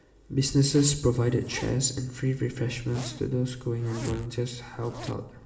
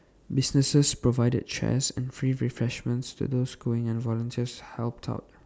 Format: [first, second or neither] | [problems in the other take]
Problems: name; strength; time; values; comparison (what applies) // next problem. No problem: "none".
second | background sound (Zipper (clothing)); 16 dB below the speech // room echo; dies away in 1.2 s